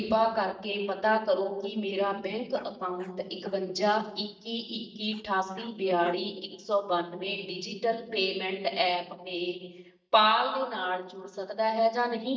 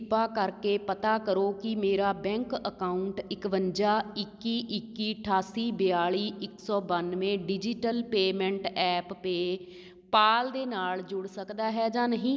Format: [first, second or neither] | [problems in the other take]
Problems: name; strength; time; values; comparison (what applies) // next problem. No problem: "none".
second | noise reduction (neural mask model DeepFilterNet 3)